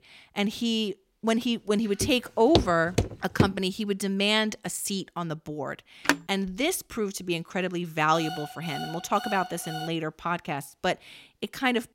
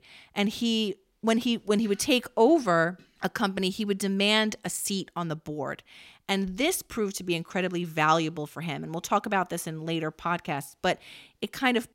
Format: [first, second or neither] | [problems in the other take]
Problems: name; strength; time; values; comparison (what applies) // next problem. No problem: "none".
second | footsteps; loud; from 2 to 3.5 s; peak 1 dB above the speech // phone ringing; loud; at 6 s; peak 1 dB above the speech // alarm; noticeable; from 8 to 10 s; peak 9 dB below the speech